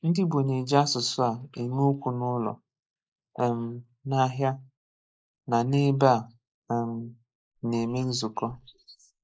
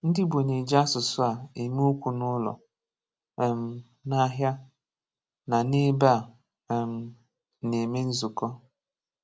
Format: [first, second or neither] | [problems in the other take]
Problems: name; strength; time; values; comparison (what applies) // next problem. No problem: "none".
second | noise reduction (neural mask model Resemble Enhance denoiser)